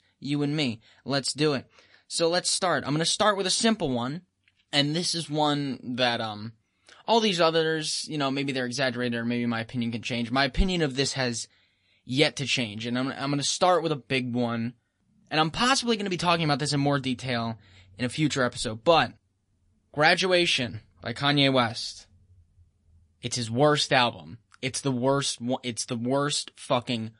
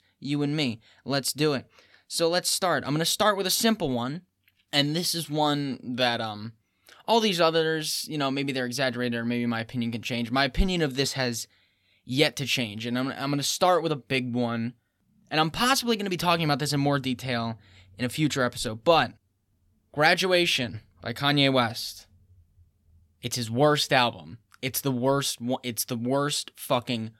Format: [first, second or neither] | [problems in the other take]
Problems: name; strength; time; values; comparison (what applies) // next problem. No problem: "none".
second | garbled, watery; slightly; nothing above 10.5 kHz